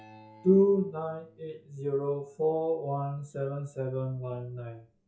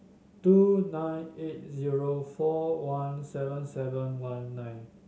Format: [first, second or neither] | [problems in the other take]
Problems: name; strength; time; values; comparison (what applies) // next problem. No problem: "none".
second | noise reduction (classical method log-MMSE)